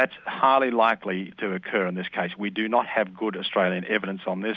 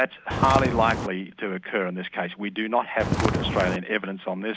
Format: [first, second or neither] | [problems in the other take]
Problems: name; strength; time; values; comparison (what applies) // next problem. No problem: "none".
first | background sound (Walk, footsteps); 1 dB above the speech